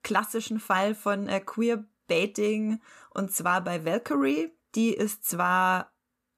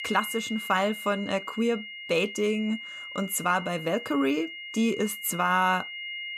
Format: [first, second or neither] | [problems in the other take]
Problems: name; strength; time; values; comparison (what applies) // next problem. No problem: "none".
first | high-pitched whine; loud; throughout; 2 kHz, 9 dB below the speech